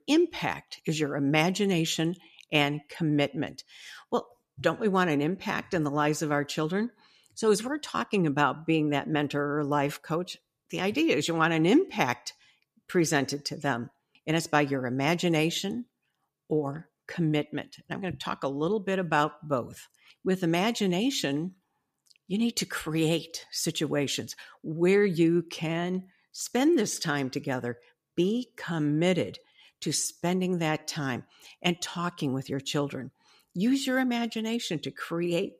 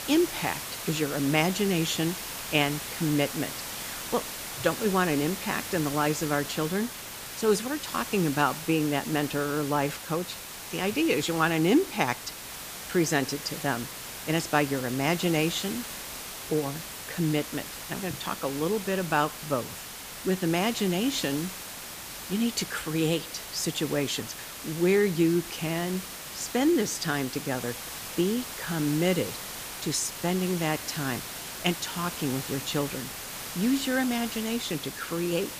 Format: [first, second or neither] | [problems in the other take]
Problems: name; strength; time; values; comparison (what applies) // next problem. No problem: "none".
first | hiss; loud; throughout; 8 dB below the speech